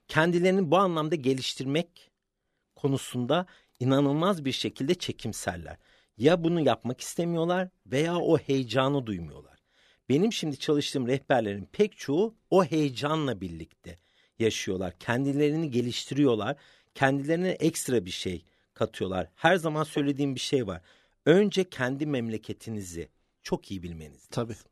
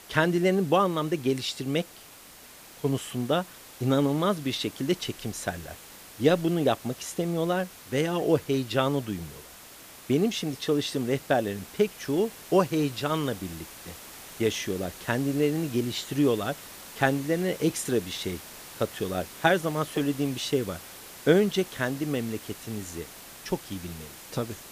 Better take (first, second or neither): first